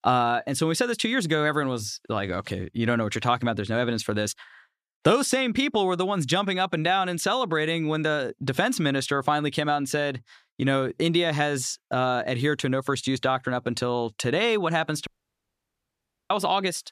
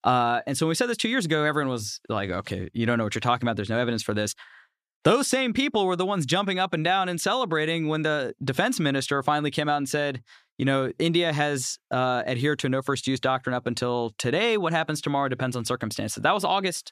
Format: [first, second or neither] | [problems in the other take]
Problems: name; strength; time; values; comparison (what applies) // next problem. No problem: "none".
second | audio cutting out; at 15 s for 1 s